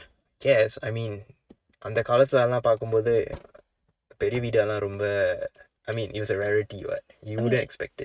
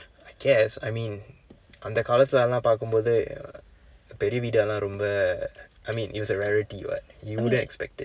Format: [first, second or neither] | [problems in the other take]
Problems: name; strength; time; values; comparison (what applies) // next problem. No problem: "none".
second | noise reduction (neural mask model RNNoise)